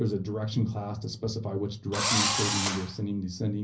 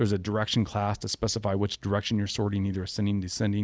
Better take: second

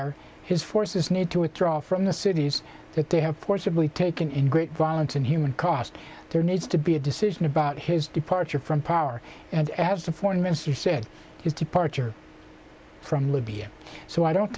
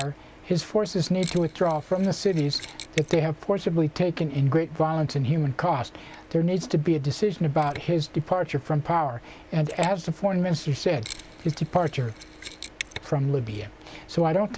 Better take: first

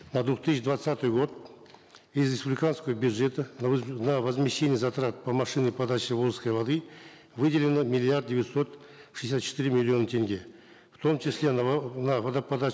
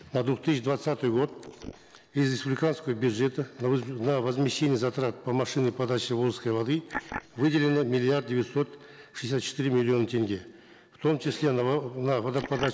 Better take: first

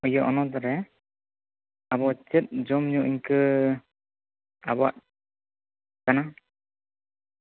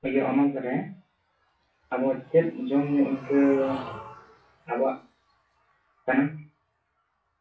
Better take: first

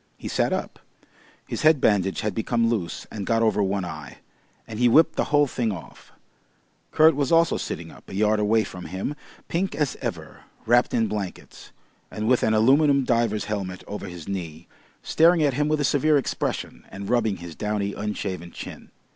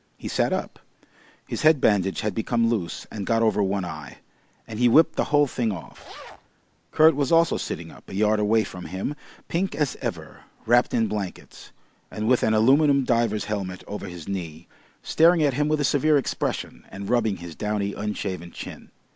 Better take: first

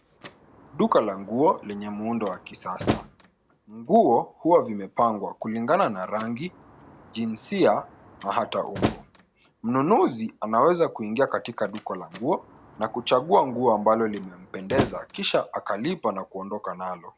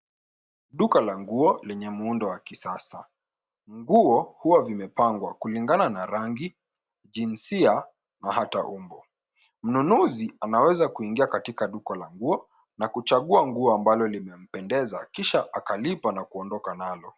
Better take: second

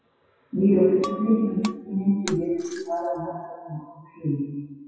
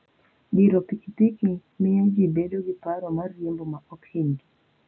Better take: second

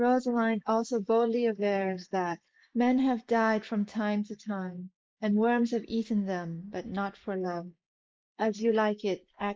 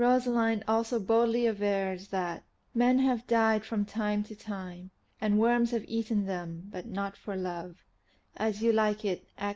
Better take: second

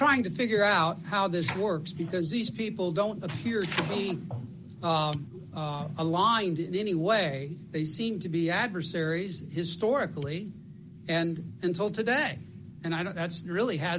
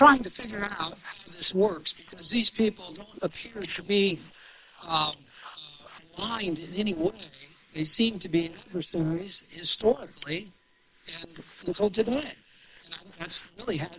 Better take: first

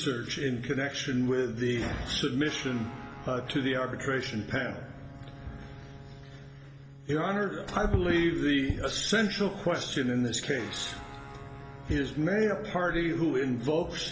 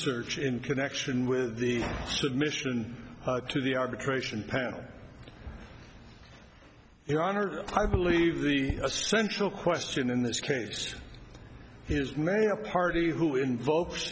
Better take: second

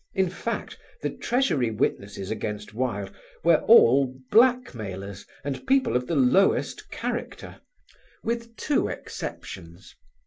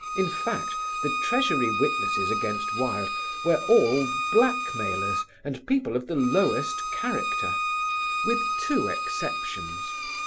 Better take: first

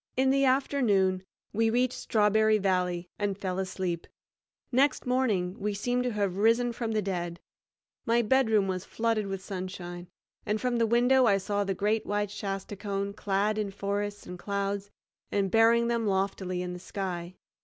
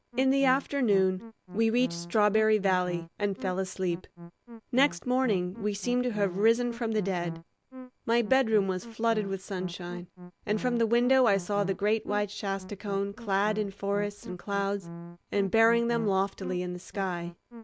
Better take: first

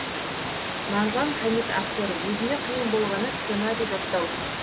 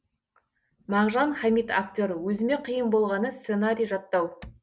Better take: second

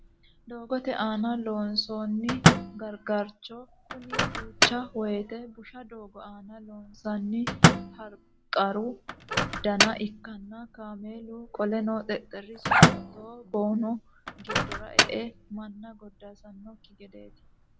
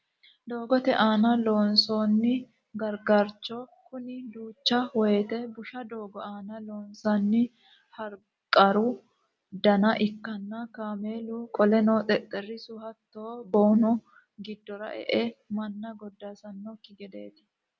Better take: second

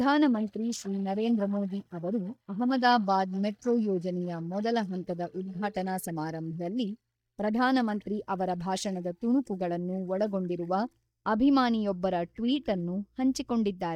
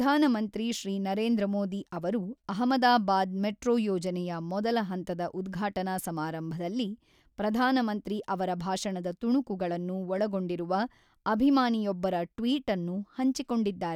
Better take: second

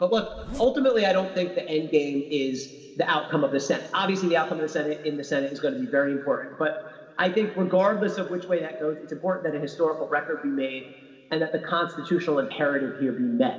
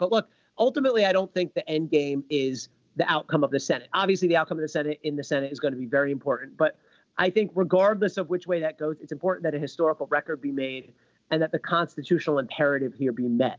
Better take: second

